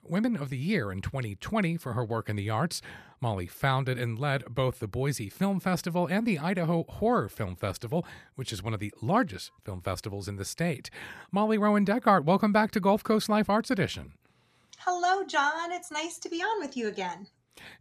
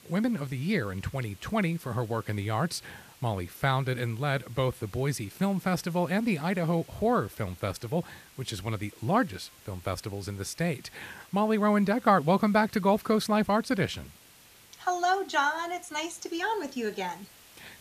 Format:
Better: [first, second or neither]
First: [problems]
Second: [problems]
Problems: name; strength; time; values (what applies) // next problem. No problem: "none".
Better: first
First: none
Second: hiss; faint; throughout; 25 dB below the speech